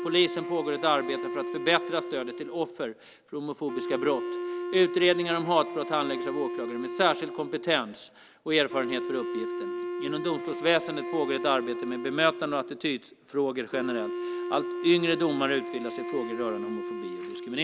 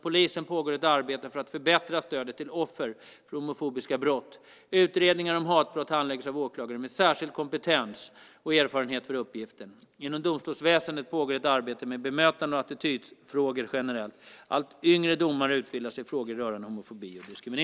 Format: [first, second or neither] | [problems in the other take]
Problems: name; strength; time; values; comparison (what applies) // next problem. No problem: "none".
second | background sound (Wind instrument, woodwind instrument); 6 dB below the speech